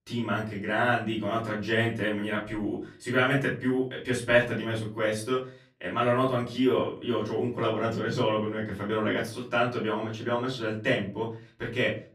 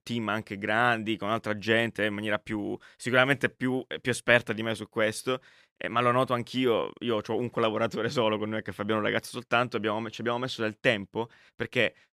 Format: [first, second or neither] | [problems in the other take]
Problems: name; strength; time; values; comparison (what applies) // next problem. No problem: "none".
second | off-mic speech; far // room echo; slight; dies away in 0.4 s